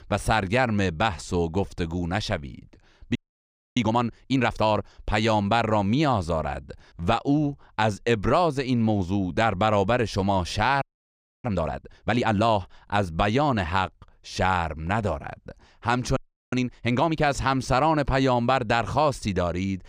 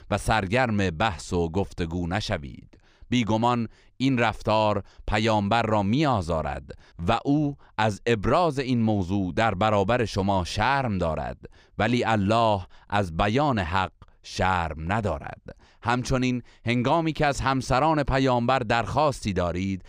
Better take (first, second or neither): second